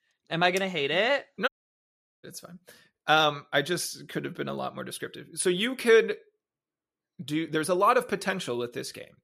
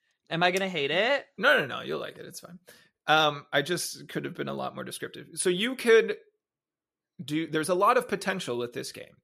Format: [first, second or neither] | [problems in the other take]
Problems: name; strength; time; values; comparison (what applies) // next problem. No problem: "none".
second | audio cutting out; at 1.5 s for 1 s